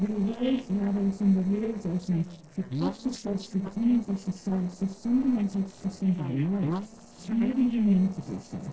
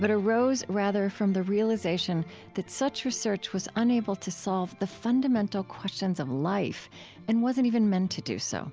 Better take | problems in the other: second | noise reduction (neural separator model SepFormer DNS4)

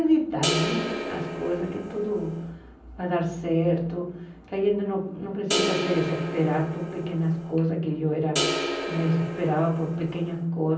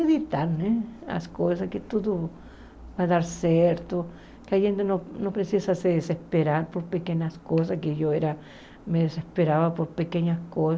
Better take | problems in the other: second | background sound (Crash cymbal); 4 dB below the speech // room echo; dies away in 0.6 s

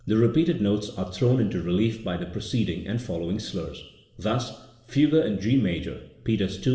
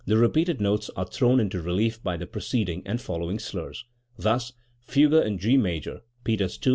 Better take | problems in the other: second | room echo; dies away in 0.9 s

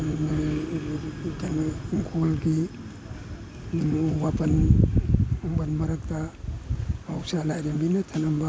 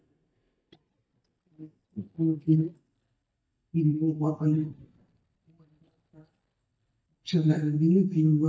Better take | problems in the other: first | noise reduction (neural mask model DeepFilterNet 3)

